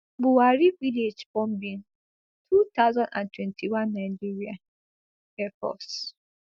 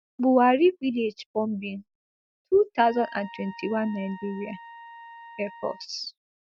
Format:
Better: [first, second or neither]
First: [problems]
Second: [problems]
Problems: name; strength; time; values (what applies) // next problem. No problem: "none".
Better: first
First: none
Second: background sound (Trumpet); 18 dB below the speech